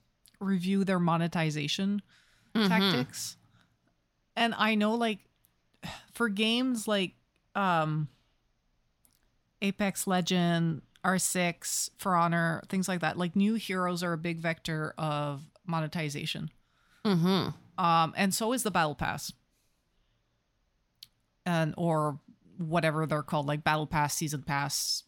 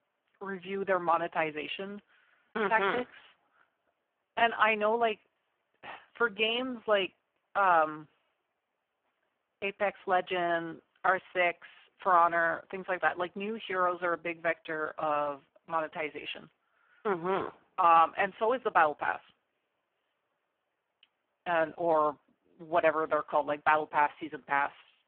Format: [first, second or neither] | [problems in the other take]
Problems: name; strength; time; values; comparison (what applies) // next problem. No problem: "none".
first | phone-call audio; poor line